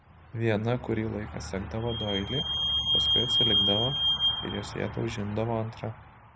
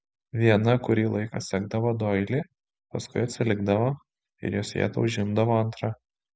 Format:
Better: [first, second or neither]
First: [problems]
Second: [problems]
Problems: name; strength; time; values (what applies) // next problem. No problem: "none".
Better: second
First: background sound (Squeak / Vehicle); 2 dB above the speech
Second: none